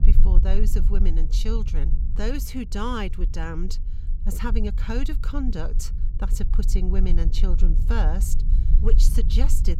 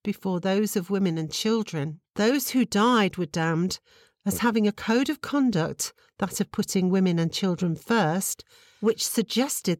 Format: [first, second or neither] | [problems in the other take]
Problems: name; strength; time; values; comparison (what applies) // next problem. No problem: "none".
second | low rumble; noticeable; throughout; 10 dB below the speech